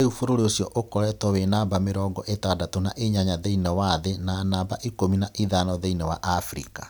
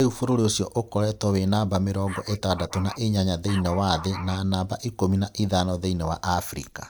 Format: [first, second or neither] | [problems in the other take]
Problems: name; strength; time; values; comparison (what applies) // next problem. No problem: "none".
first | noise reduction (neural mask model Resemble Enhance denoiser)